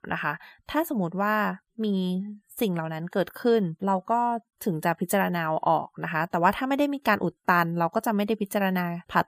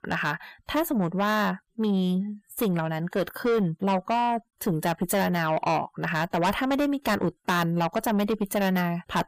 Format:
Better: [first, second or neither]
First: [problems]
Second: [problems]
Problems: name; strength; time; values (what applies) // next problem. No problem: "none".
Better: first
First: none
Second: distortion; heavy; 7 dB below the speech